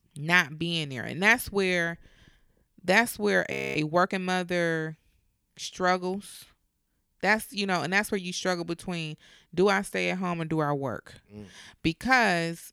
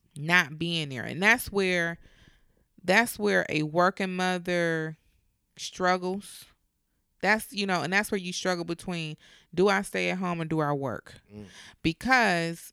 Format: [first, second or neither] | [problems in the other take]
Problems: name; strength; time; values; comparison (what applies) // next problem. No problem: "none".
second | audio freezing; at 3.5 s